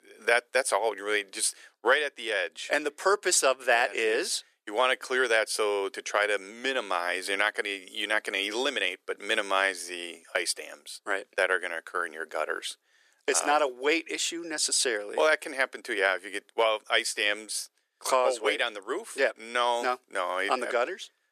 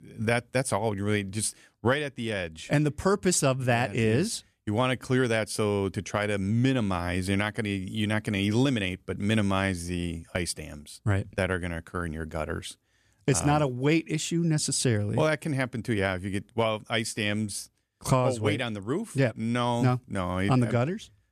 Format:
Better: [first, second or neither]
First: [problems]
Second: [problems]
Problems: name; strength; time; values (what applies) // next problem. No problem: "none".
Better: second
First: thin; very; fading below 400 Hz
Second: none